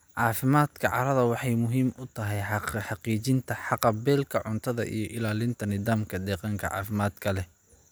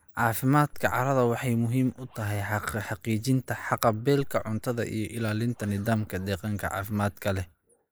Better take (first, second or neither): first